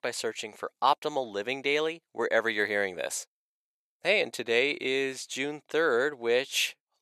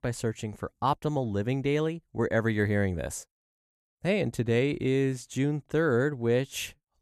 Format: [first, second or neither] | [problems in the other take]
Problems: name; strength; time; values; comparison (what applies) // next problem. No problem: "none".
second | thin; very; fading below 550 Hz